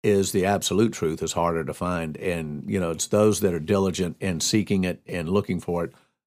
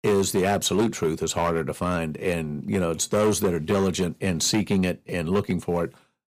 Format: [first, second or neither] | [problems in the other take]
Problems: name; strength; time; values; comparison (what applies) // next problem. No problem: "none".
first | distortion; slight; 6% of the sound clipped